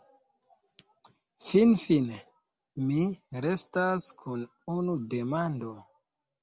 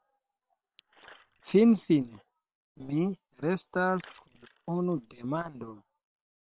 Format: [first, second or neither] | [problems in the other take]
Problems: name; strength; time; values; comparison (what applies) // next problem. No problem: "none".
first | noise reduction (neural separator model SepFormer WHAM!)